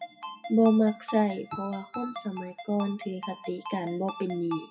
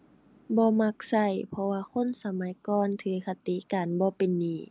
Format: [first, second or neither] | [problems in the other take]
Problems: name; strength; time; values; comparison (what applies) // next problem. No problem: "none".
second | noise reduction (classical method WPE with log-MMSE)